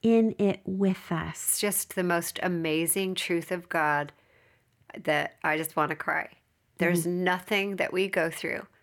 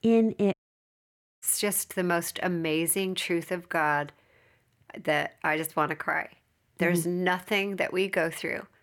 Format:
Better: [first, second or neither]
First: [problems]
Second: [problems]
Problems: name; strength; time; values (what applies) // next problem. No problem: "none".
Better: first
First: none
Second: audio cutting out; at 0.5 s for 1 s